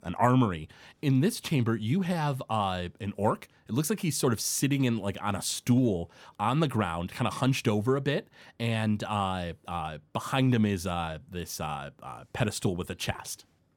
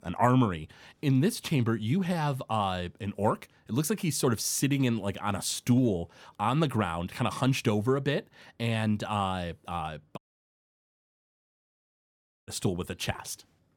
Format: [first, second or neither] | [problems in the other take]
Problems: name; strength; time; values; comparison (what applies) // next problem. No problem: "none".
first | audio cutting out; at 10 s for 2.5 s